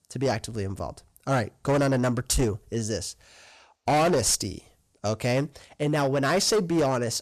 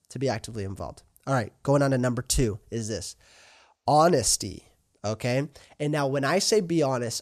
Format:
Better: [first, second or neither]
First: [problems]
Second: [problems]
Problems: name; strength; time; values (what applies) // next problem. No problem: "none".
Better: second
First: distortion; slight; 9% of the sound clipped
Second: none